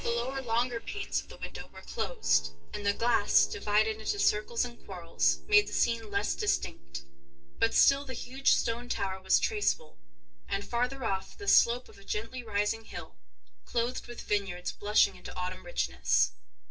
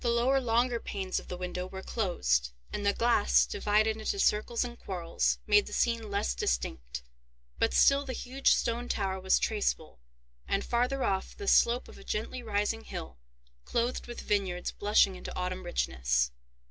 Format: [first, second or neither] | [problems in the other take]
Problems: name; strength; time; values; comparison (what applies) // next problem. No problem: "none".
second | noise reduction (neural separator model SepFormer DNS4)